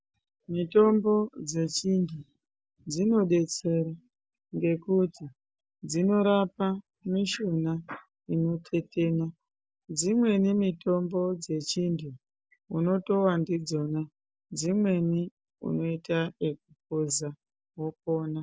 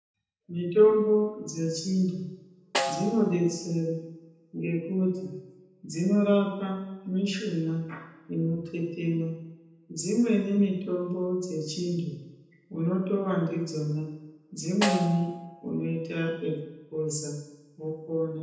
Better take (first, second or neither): first